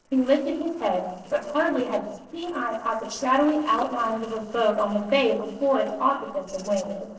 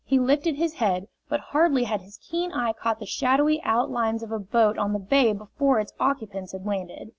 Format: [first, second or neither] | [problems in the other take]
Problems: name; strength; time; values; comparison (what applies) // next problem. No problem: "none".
second | noise reduction (neural separator model SepFormer DNS4)